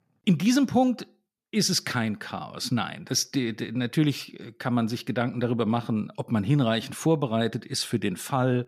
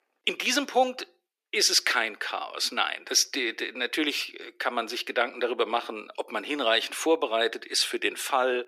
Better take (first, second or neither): first